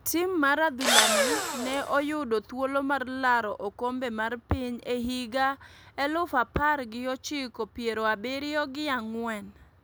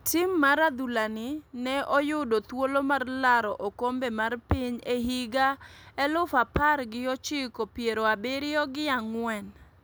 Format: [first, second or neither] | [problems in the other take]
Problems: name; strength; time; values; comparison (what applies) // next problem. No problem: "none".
second | background sound (Engine / Drill); 3 dB above the speech